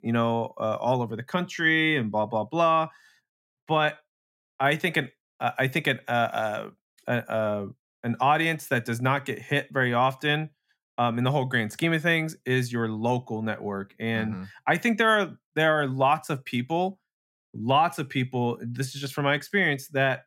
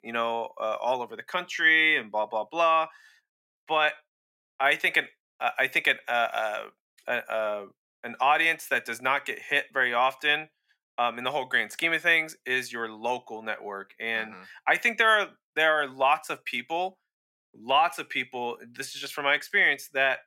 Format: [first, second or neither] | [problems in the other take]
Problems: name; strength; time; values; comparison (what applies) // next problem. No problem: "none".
first | thin; very; fading below 500 Hz